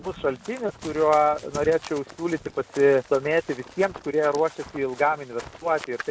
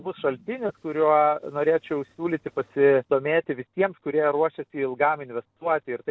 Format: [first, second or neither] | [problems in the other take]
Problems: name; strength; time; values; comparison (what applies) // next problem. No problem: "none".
second | background sound (Run); 17 dB below the speech